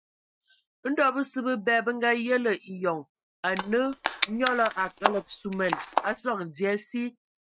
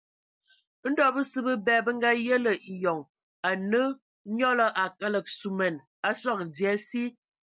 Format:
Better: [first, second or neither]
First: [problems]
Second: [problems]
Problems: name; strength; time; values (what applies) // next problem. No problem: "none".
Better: second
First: noise reduction (neural mask model RNNoise)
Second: none